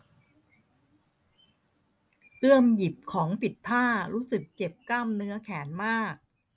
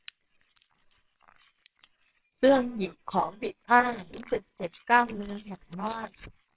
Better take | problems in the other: first | noise reduction (neural separator model SepFormer WHAMR!)

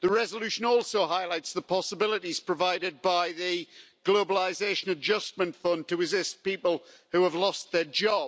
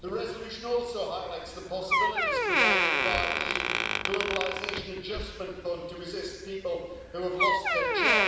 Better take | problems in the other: first | background sound (Door); 4 dB above the speech // room echo; dies away in 1.3 s

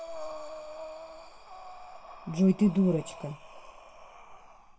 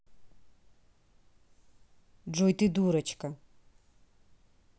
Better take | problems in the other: second | background sound (Breathing); 14 dB below the speech // room echo; dies away in 0.2 s

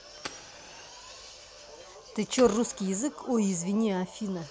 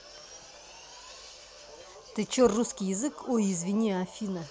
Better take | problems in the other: second | background sound (Fire); 19 dB below the speech

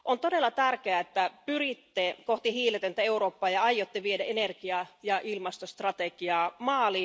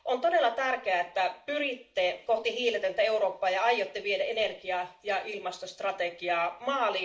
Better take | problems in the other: first | room echo; dies away in 0.4 s

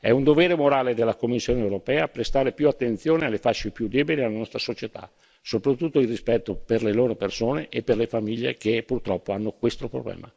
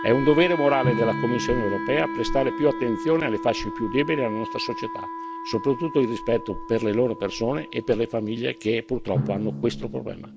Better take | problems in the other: first | background sound (Wind instrument, woodwind instrument + Drum); 7 dB below the speech

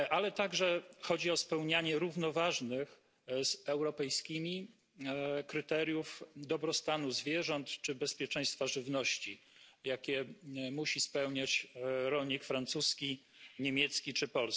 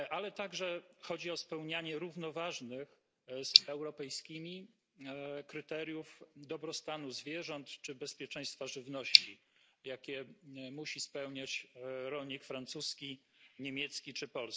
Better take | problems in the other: first | noise reduction (neural mask model Resemble Enhance denoiser)

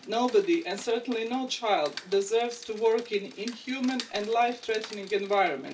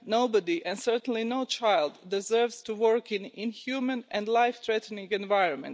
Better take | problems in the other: second | background sound (Rain); 18 dB below the speech // room echo; dies away in 0.2 s

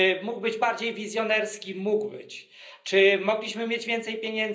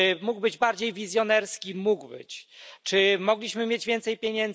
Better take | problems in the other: second | room echo; dies away in 0.5 s

